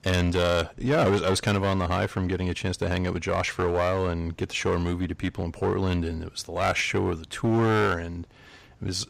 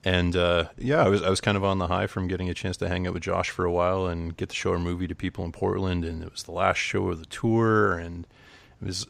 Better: second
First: distortion; slight; 8% of the sound clipped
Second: none

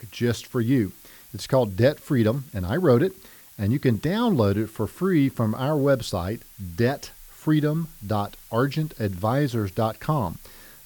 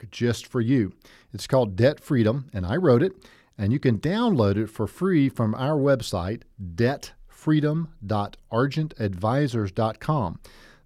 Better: second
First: hiss; faint; throughout; 20 dB below the speech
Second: none

